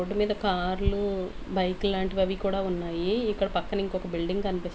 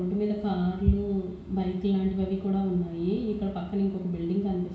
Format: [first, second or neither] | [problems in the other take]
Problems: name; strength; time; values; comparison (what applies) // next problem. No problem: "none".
first | room echo; dies away in 0.6 s